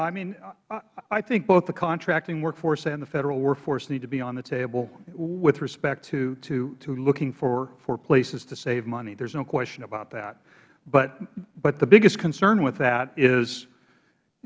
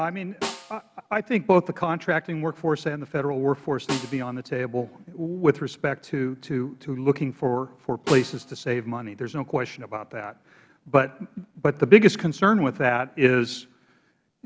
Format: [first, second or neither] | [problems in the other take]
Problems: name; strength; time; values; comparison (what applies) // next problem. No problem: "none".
first | background sound (Snare drum); 16 dB below the speech